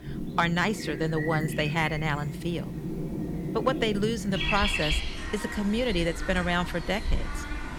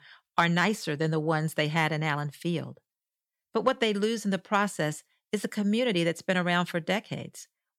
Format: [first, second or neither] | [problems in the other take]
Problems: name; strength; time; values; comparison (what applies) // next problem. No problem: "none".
second | animal sounds; loud; throughout; 4 dB below the speech